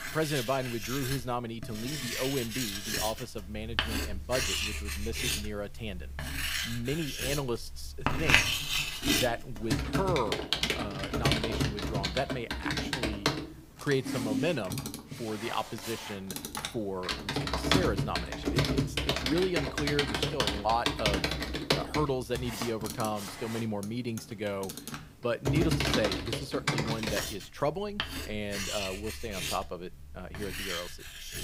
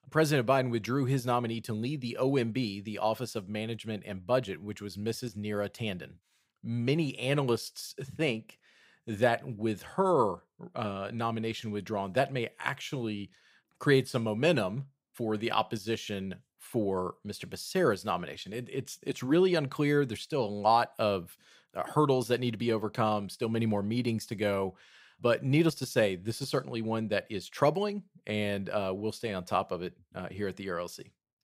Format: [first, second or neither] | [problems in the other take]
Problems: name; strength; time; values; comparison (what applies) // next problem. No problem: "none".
second | household noises; very loud; throughout; 3 dB above the speech